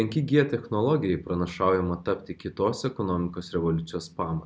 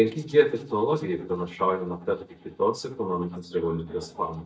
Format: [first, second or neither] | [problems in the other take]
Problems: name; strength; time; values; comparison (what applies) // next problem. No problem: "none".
first | noise reduction (neural mask model DeepFilterNet 3)